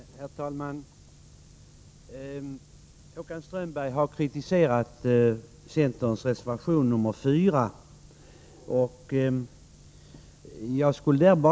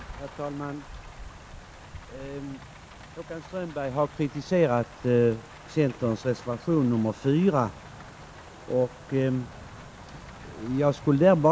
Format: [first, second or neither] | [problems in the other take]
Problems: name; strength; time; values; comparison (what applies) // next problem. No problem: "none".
first | background sound (Rain); 18 dB below the speech